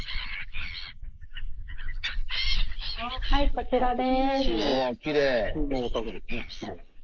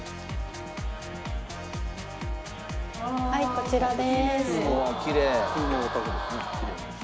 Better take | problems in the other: second | noise reduction (neural mask model Resemble Enhance denoiser)

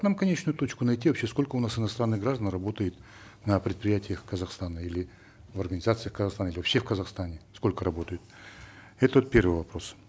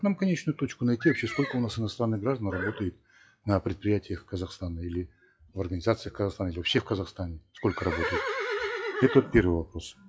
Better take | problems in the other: first | noise reduction (classical method WPE with log-MMSE)

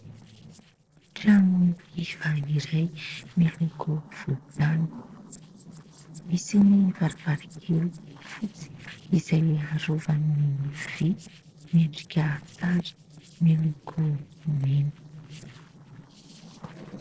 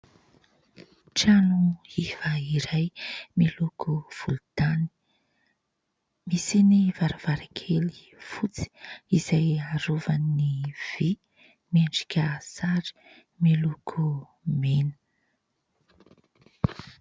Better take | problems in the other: second | noise reduction (neural separator model SepFormer DNS4)

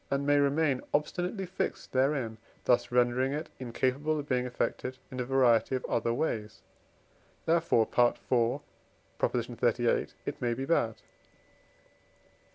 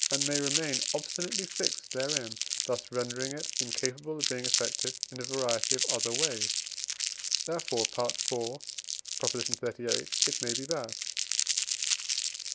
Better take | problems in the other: first | background sound (Crumpling, crinkling); 4 dB above the speech

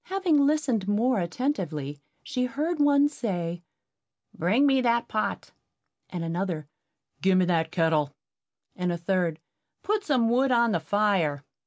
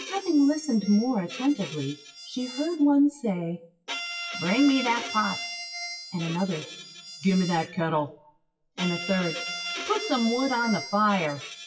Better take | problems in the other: first | noise reduction (classical method WPE with log-MMSE)

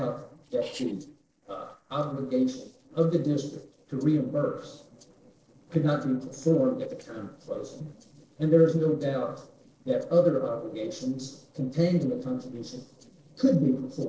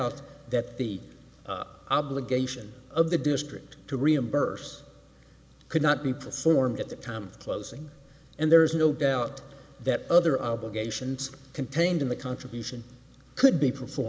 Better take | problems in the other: second | noise reduction (neural separator model SepFormer DNS4)

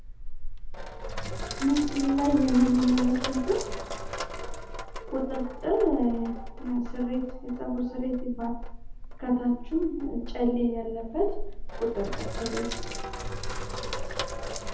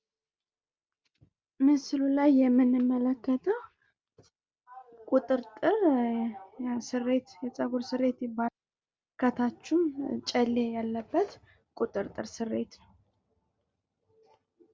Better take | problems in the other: second | background sound (Sink (filling or washing)); 4 dB below the speech // room echo; dies away in 0.7 s

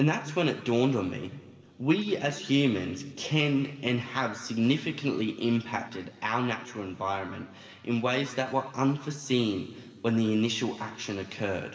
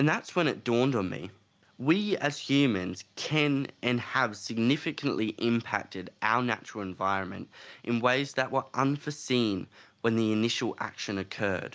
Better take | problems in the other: second | room echo; dies away in 2.6 s

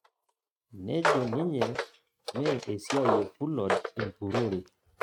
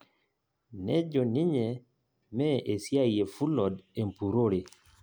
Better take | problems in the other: second | noise reduction (neural mask model RNNoise)

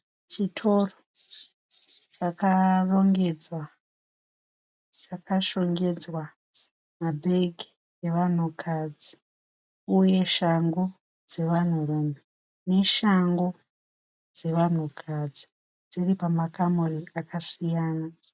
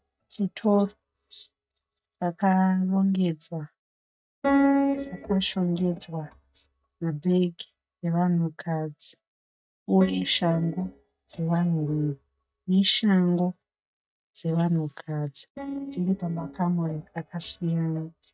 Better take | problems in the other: first | noise reduction (neural mask model DeepFilterNet 3)

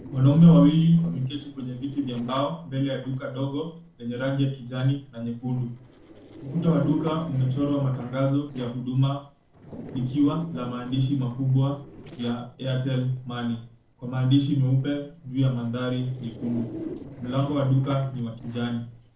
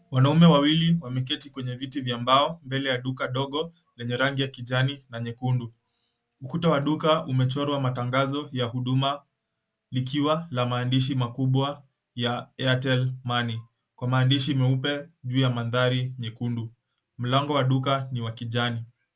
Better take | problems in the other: second | noise reduction (neural separator model SepFormer DNS4)

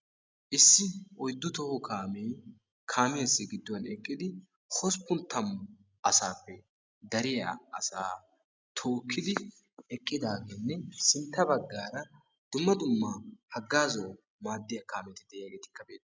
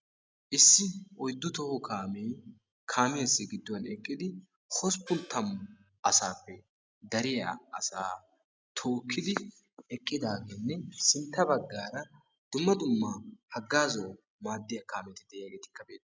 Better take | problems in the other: first | background sound (Gong); 20 dB below the speech

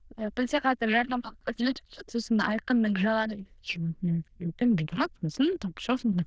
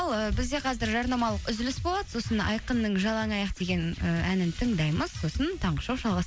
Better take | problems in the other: second | noise reduction (neural diffusion model UNIVERSE++)

